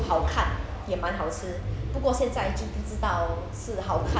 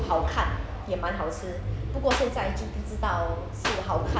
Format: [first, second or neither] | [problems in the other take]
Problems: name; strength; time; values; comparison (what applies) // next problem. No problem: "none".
first | background sound (Clapping); 5 dB below the speech // room echo; dies away in 1.1 s